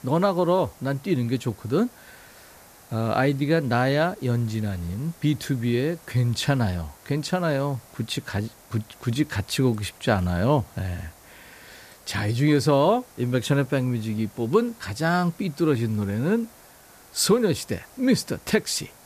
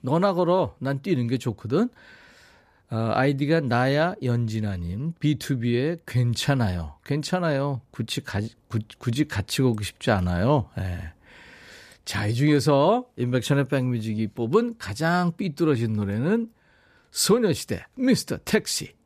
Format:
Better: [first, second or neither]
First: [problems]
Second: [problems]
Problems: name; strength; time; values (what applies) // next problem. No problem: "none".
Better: second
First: hiss; faint; throughout; 25 dB below the speech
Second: none